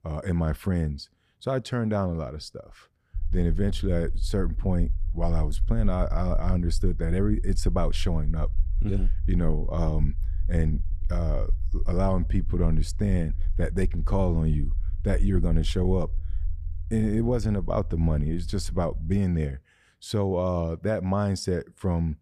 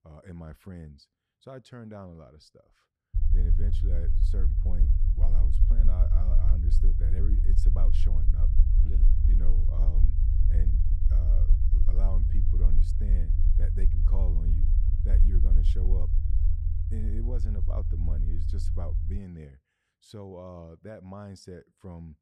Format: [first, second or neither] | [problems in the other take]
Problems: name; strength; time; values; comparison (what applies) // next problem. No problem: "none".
first | low rumble; loud; from 3 to 19 s; 1 dB below the speech; faint in the first